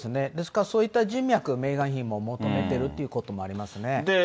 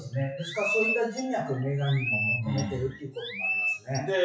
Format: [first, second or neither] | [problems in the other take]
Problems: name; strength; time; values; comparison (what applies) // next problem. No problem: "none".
first | noise reduction (classical method WPE with log-MMSE)